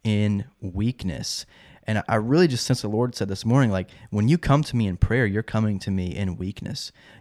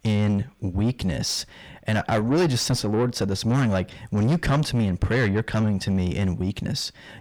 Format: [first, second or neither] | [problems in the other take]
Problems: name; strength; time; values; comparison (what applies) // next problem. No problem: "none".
first | distortion; heavy; 6 dB below the speech